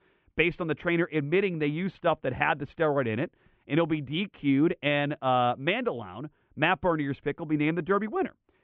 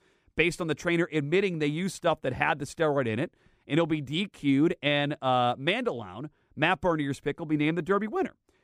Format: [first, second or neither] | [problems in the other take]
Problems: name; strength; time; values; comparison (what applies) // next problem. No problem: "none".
second | muffled; very slightly; fading above 3 kHz